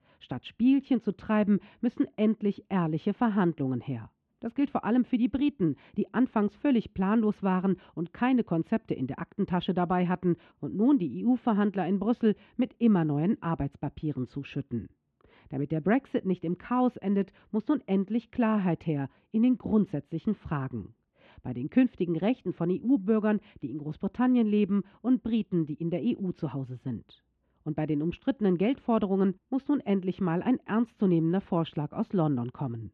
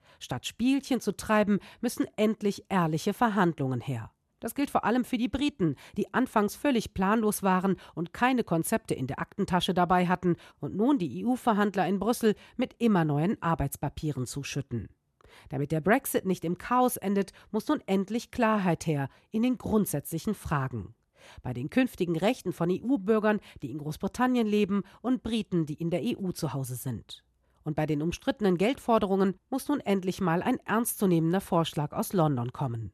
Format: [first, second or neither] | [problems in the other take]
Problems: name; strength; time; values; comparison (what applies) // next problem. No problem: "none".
second | muffled; very; fading above 3 kHz